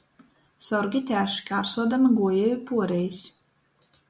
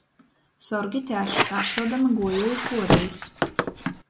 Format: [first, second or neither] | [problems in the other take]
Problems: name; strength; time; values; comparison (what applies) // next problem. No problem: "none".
first | background sound (Squeak); 1 dB above the speech